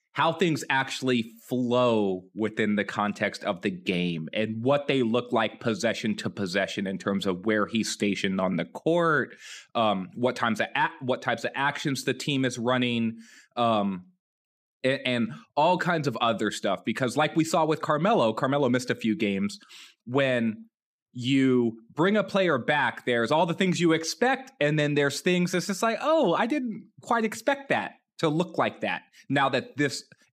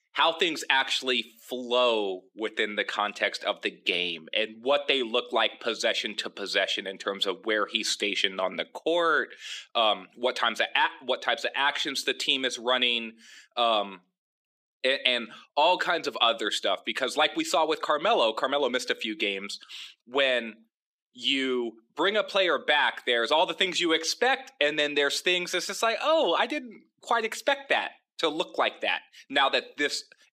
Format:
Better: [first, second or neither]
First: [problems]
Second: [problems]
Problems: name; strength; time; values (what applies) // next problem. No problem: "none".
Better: first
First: none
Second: thin; somewhat; fading below 350 Hz